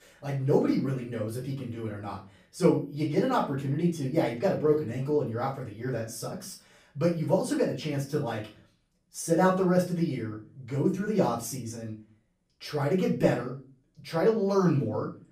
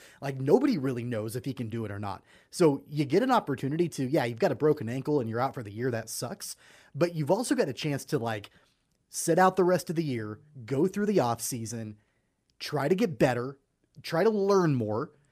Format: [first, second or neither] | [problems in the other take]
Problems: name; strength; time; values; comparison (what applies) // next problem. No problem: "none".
second | off-mic speech; far // room echo; slight; dies away in 0.3 s